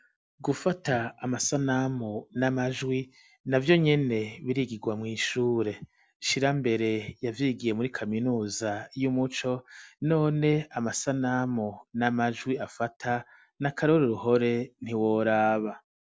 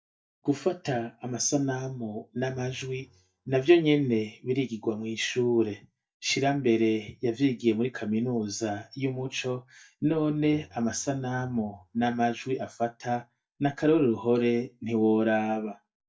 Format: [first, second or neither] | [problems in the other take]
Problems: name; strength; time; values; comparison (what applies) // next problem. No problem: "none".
first | noise reduction (neural mask model DeepFilterNet 3)